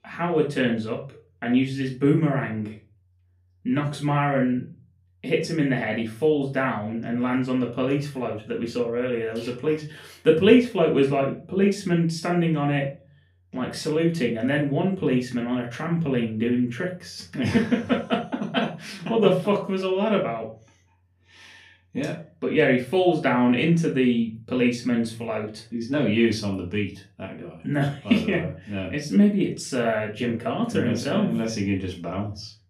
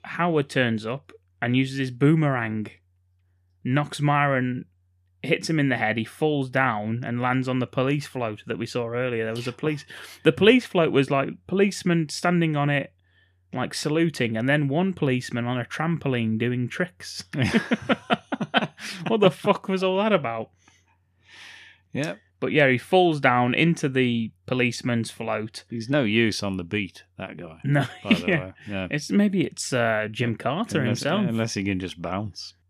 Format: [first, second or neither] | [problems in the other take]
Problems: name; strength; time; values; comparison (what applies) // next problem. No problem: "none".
second | off-mic speech; far // room echo; slight; dies away in 0.3 s